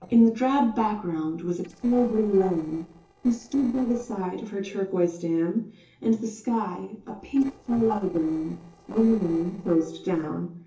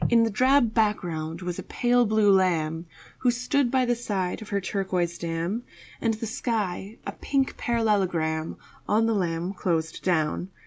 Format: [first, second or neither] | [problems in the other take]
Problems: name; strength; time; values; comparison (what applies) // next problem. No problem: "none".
second | noise reduction (neural separator model SepFormer DNS4)